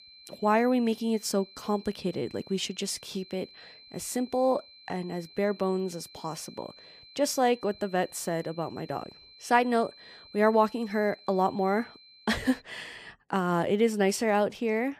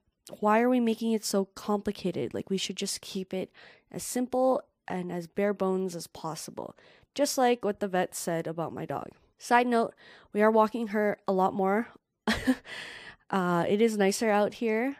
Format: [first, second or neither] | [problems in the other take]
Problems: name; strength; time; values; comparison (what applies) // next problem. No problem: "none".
second | high-pitched whine; faint; until 13 s; 4 kHz, 20 dB below the speech